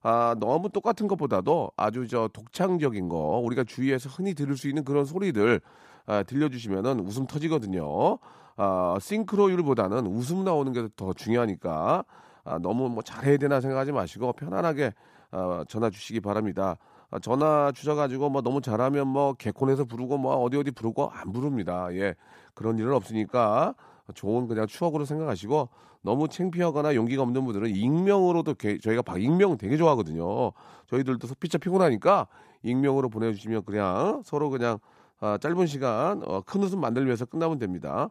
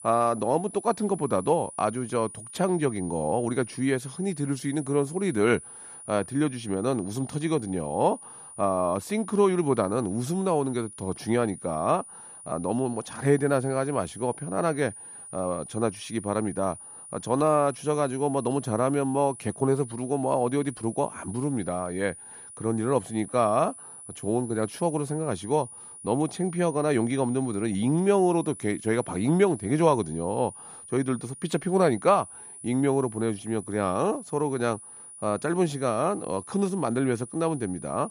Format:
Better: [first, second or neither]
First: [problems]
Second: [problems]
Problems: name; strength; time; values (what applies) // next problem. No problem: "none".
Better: first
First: none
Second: high-pitched whine; noticeable; throughout; 9.5 kHz, 15 dB below the speech